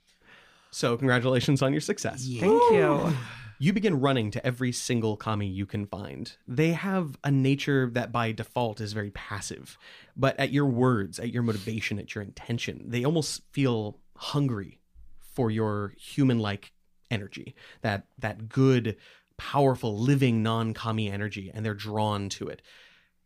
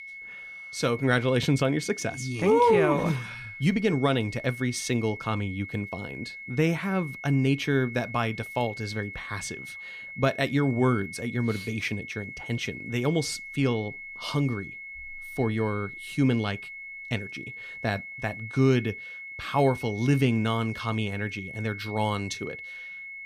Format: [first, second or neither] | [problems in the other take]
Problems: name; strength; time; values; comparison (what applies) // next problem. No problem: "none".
first | high-pitched whine; noticeable; throughout; 2 kHz, 10 dB below the speech